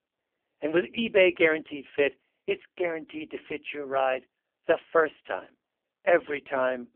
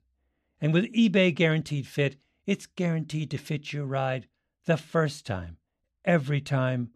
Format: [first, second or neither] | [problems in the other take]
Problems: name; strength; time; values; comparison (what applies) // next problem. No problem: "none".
second | phone-call audio; poor line; nothing above 3 kHz